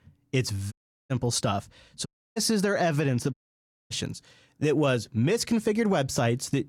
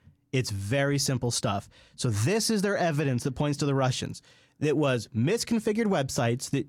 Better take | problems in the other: second | audio cutting out; at 0.5 s, at 2 s and at 3.5 s for 0.5 s

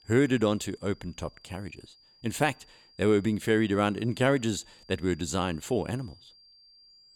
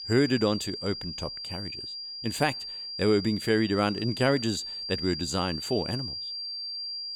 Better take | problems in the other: first | high-pitched whine; loud; throughout; 5 kHz, 6 dB below the speech; faint in the first

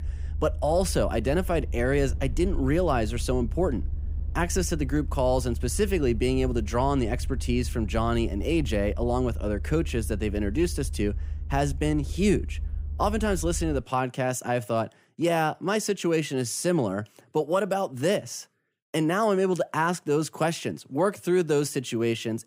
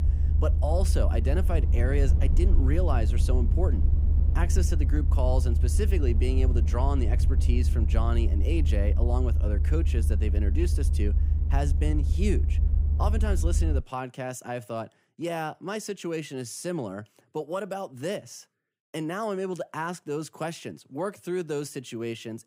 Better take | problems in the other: first | low rumble; loud; until 14 s; 9 dB below the speech; faint in the first

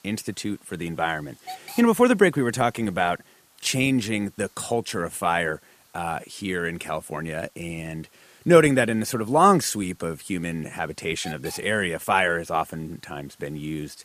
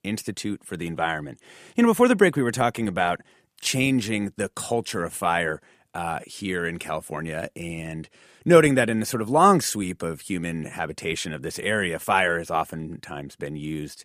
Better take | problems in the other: second | hiss; faint; throughout; 25 dB below the speech

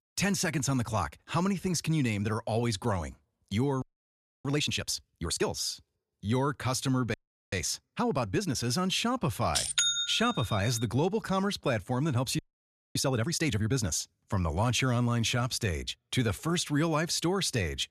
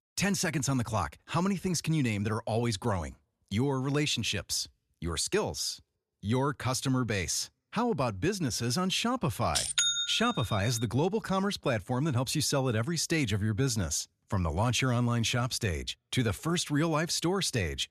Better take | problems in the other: second | audio freezing; at 4 s for 0.5 s, at 7 s and at 12 s for 0.5 s

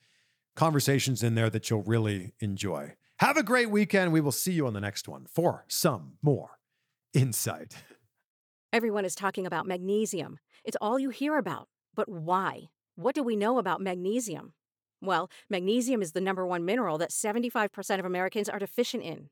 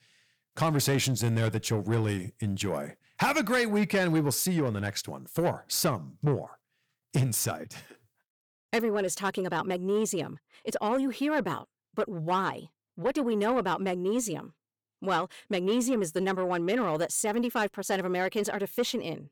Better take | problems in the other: first | distortion; slight; 10 dB below the speech

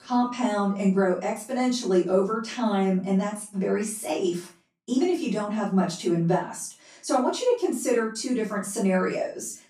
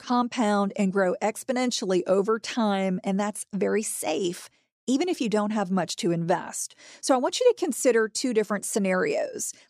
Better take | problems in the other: second | off-mic speech; far // room echo; slight; dies away in 0.3 s

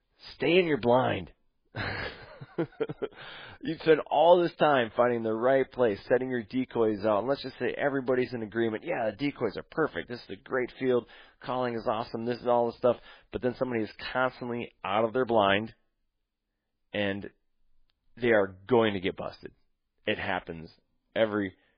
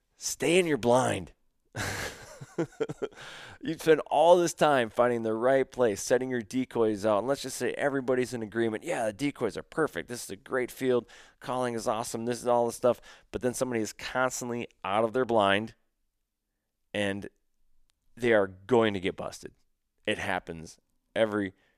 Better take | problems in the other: second | garbled, watery; badly; nothing above 5 kHz

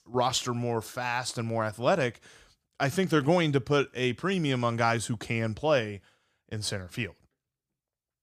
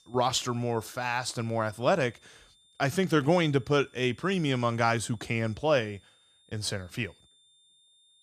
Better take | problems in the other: first | high-pitched whine; faint; throughout; 3.5 kHz, 30 dB below the speech

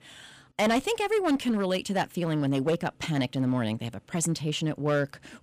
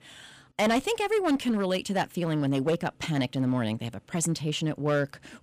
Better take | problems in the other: neither | distortion; slight; 7% of the sound clipped; the same in both

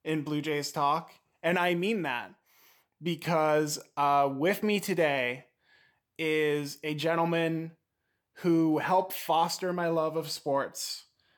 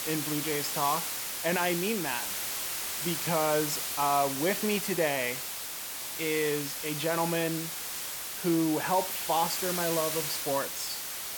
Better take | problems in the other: first | hiss; loud; throughout; 2 dB below the speech

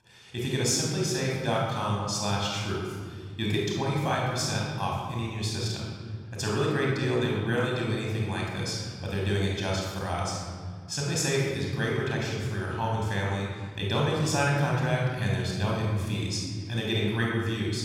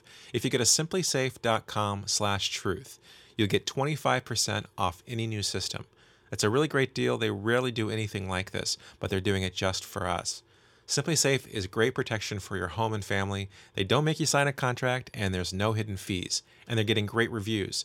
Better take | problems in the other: second | off-mic speech; far // room echo; strong; dies away in 2.8 s

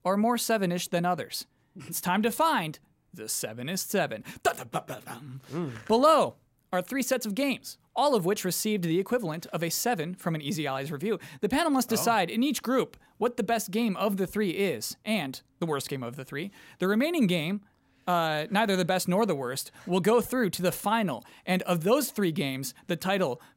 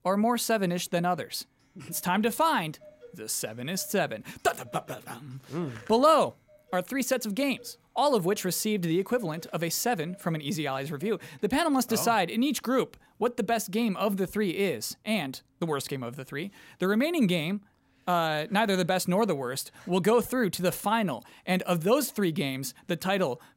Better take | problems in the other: first | household noises; faint; throughout; 30 dB below the speech

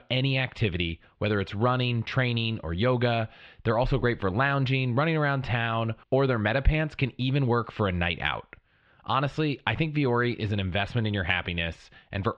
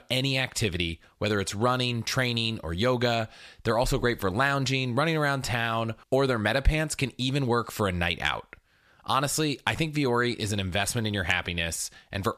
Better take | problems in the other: second | muffled; slightly; fading above 3 kHz

